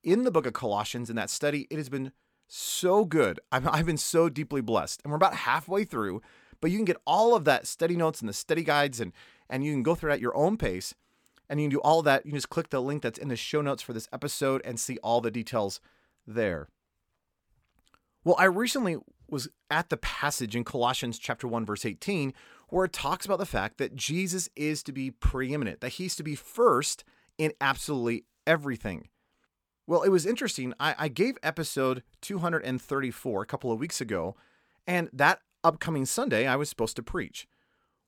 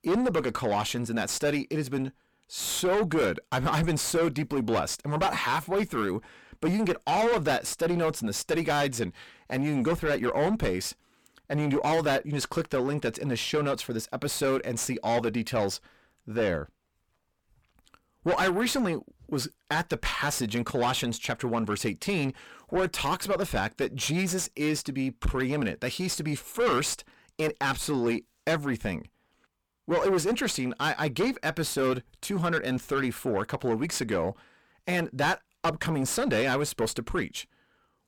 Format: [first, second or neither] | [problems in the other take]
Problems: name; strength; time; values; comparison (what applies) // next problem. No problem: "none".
first | distortion; heavy; 6 dB below the speech